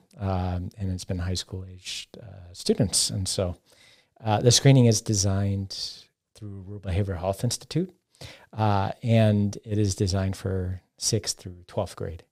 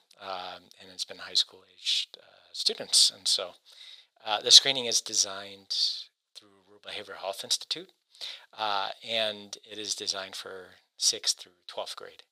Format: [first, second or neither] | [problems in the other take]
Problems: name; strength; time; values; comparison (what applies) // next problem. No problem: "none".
first | thin; very; fading below 750 Hz